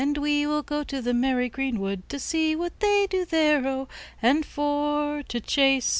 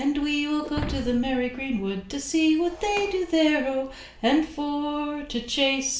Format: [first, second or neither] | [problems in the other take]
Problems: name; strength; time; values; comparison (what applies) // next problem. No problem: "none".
first | background sound (Shatter); 15 dB below the speech // room echo; dies away in 0.5 s